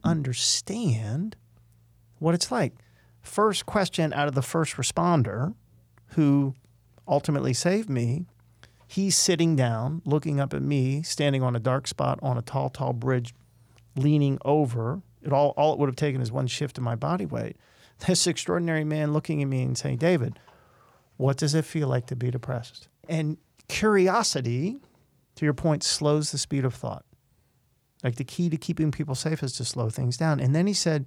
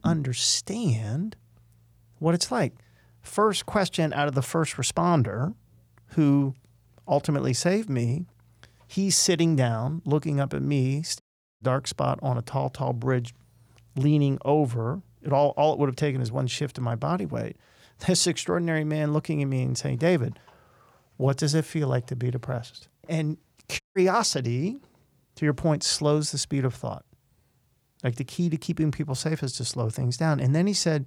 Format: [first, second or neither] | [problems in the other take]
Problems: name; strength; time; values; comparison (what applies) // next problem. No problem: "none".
first | audio cutting out; at 11 s and at 24 s